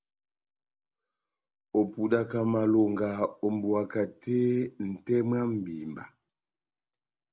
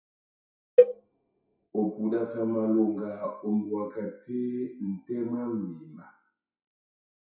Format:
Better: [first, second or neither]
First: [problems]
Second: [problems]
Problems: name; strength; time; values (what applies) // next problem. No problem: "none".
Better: first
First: none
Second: noise reduction (classical method WPE with log-MMSE)